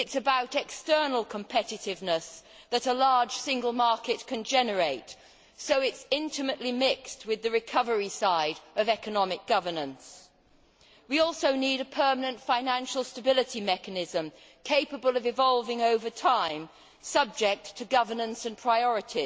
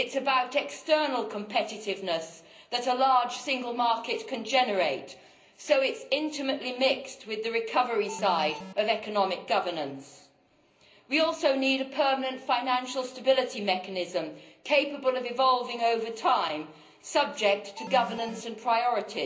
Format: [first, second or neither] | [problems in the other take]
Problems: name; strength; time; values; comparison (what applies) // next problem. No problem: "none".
first | background sound (Alarm); 12 dB below the speech // room echo; dies away in 0.5 s